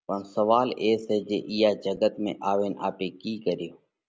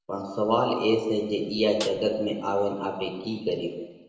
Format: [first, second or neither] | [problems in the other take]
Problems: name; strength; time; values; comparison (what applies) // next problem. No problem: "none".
first | background sound (Snare drum); 16 dB below the speech // room echo; dies away in 1.1 s